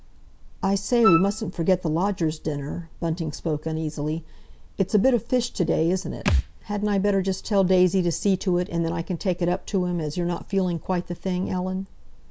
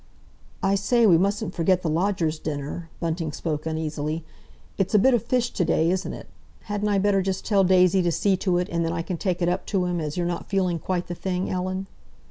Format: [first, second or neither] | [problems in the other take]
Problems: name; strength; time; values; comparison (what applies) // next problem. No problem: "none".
second | background sound (Wind instrument, woodwind instrument + Thump, thud); 4 dB below the speech